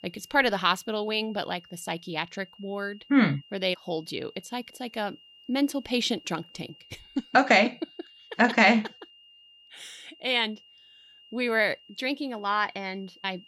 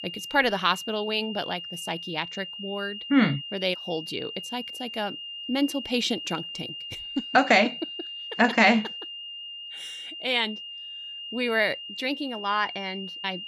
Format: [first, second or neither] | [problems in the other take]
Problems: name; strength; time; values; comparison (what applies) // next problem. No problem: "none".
first | high-pitched whine; loud; throughout; 3 kHz, 9 dB below the speech; faint in the first